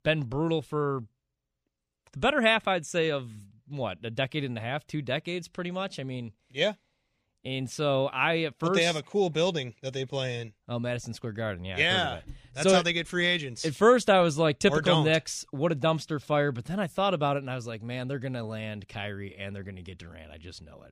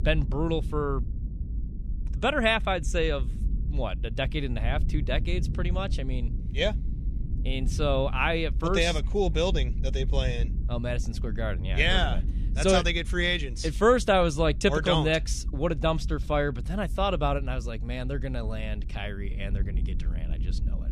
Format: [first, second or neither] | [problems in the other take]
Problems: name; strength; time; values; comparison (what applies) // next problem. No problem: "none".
first | low rumble; faint; throughout; 20 dB below the speech